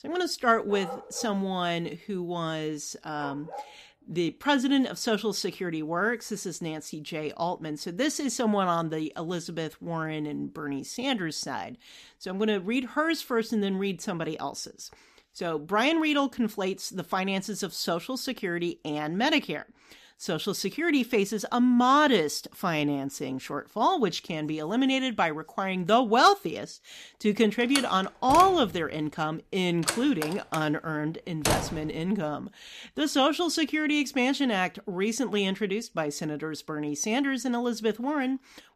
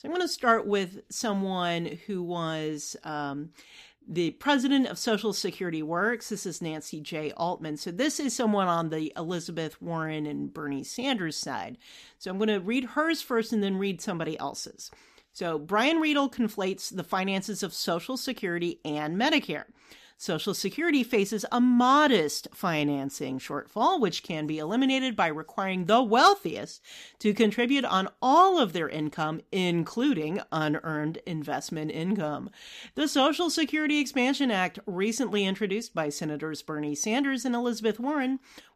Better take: second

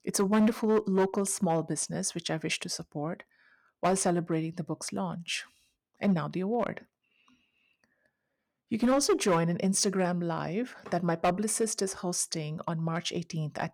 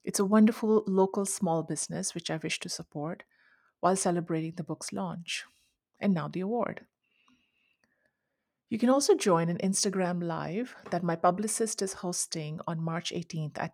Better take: second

